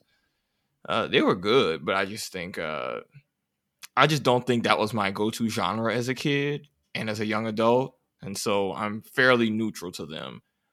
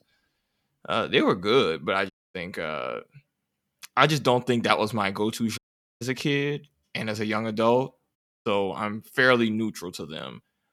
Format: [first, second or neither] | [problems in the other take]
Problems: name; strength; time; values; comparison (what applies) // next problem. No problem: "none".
first | audio cutting out; at 2 s, at 5.5 s and at 8 s